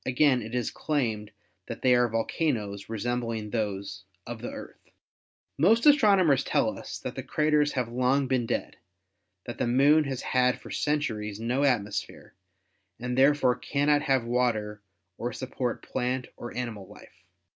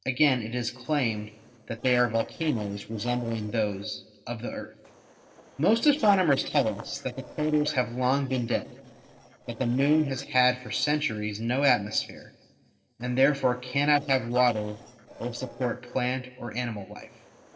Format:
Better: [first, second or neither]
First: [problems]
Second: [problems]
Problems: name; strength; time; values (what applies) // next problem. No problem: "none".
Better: first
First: none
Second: noise reduction (neural separator model SepFormer DNS4)